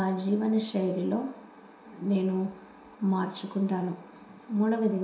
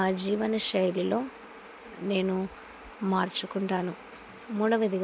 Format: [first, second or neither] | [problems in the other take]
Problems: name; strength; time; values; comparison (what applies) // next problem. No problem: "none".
second | room echo; dies away in 0.7 s